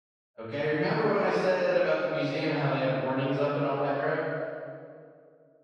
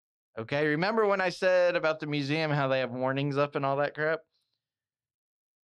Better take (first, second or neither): second